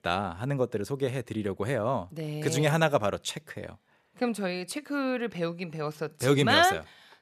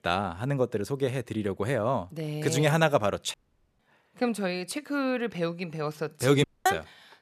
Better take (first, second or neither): first